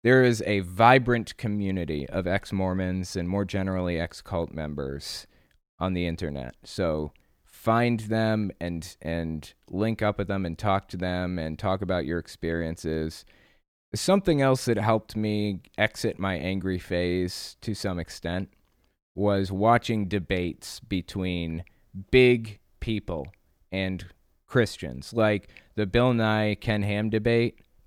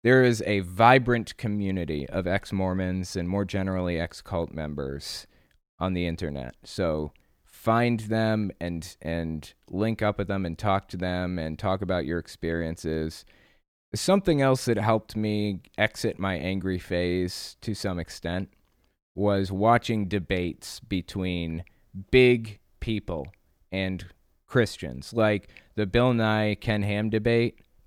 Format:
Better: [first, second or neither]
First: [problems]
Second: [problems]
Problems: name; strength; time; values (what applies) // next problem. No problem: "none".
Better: neither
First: none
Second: none